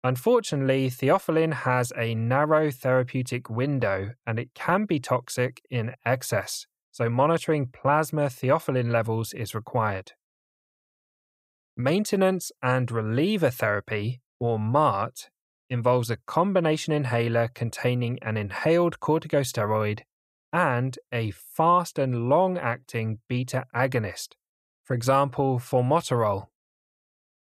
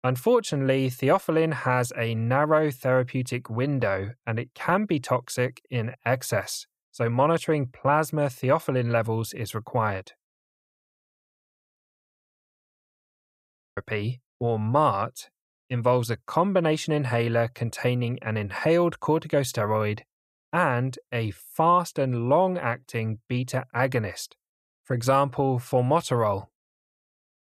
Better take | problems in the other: first | audio cutting out; at 12 s for 2 s

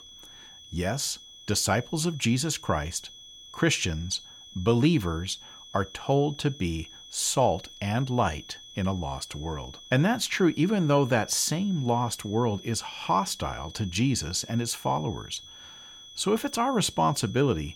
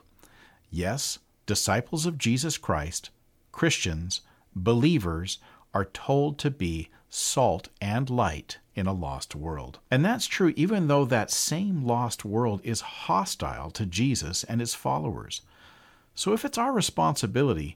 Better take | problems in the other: second | high-pitched whine; noticeable; throughout; 3.5 kHz, 15 dB below the speech

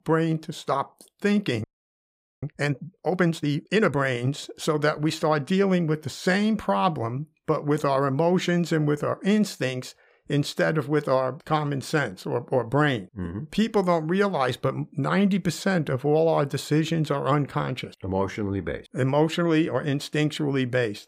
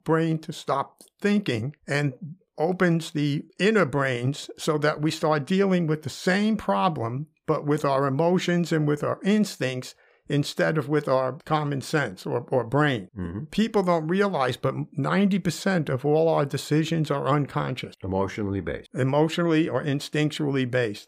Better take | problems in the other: second | audio freezing; at 1.5 s for 1 s

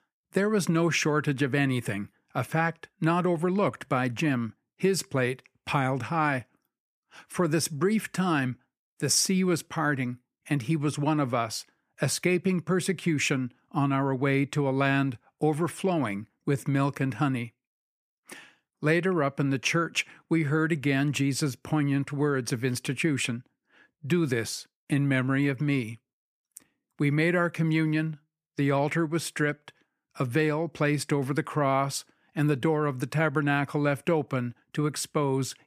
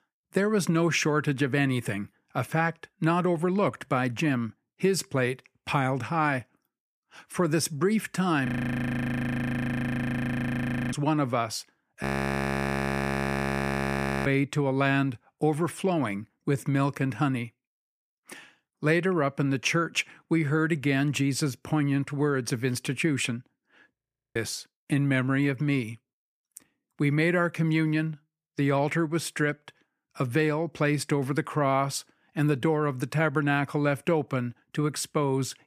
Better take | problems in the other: first | audio freezing; at 8.5 s for 2.5 s, at 12 s for 2 s and at 24 s

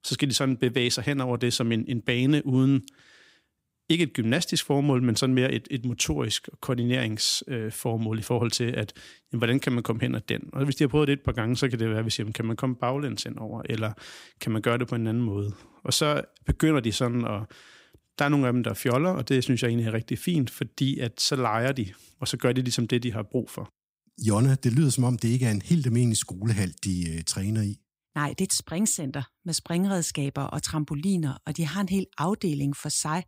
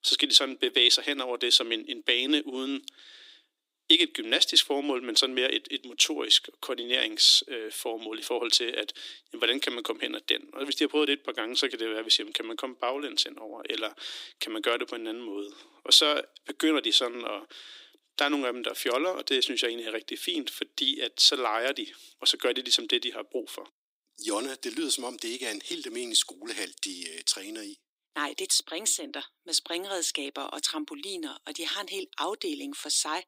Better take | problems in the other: first | thin; somewhat; fading below 300 Hz

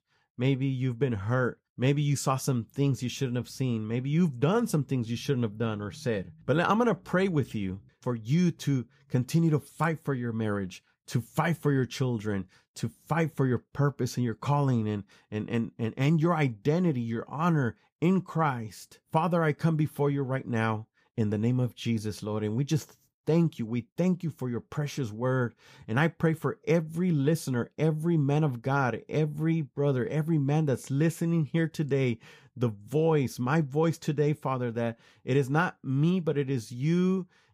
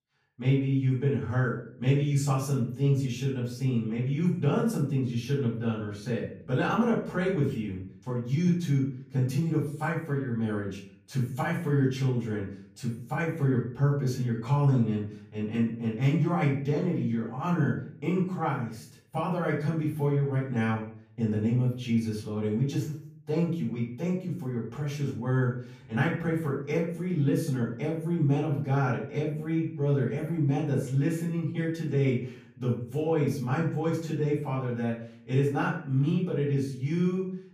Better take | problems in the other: first | off-mic speech; far // room echo; noticeable; dies away in 0.4 s

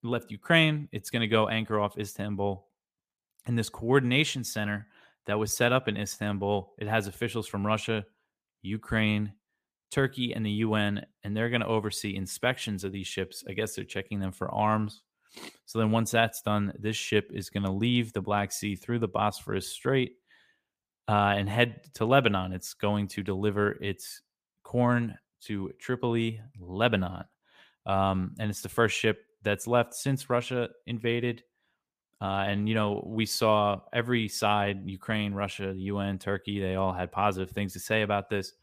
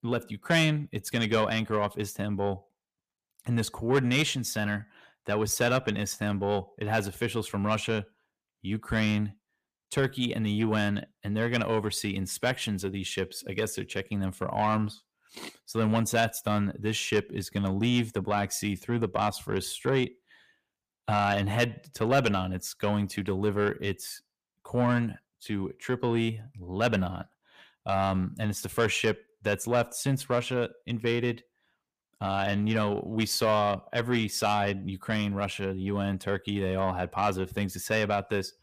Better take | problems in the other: first | distortion; slight; 10 dB below the speech

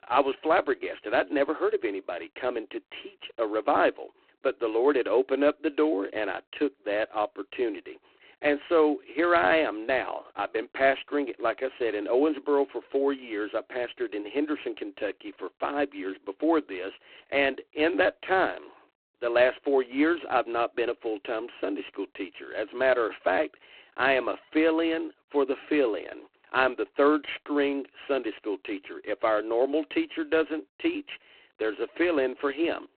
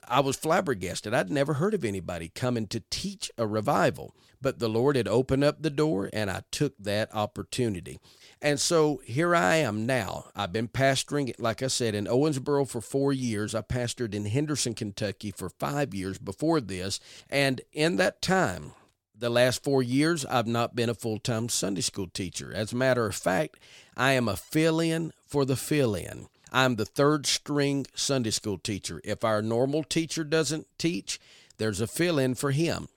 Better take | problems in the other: second | phone-call audio; poor line; nothing above 4 kHz

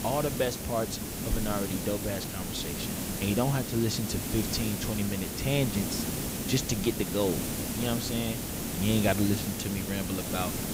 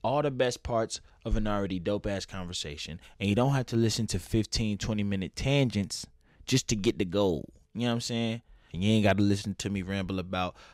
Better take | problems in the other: second | hiss; loud; throughout; 2 dB below the speech

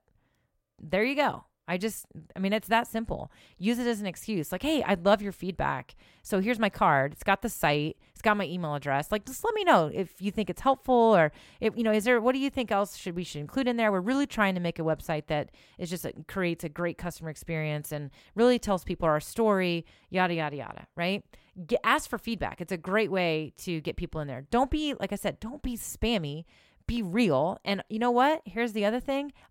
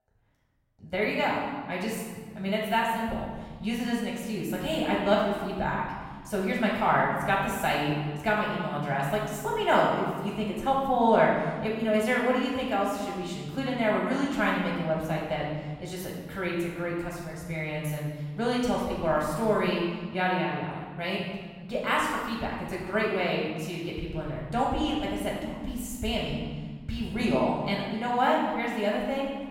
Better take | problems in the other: first | off-mic speech; far // room echo; noticeable; dies away in 1.4 s

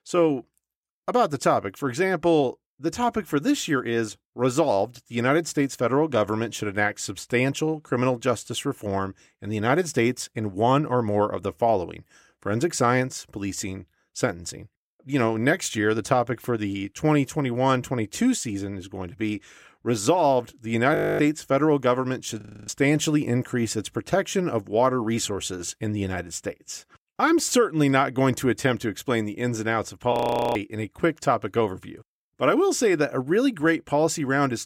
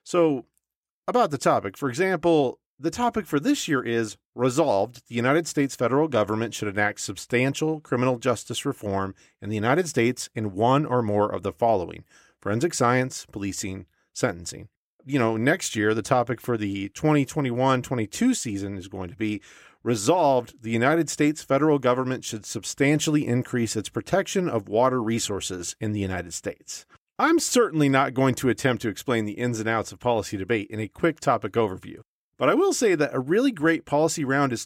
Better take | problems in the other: second | audio freezing; at 21 s, at 22 s and at 30 s

